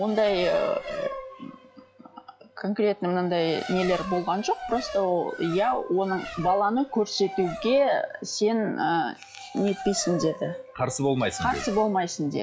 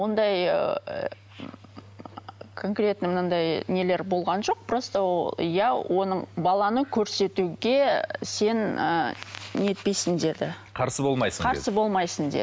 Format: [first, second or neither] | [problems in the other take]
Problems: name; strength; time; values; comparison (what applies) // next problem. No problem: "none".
second | noise reduction (classical method log-MMSE)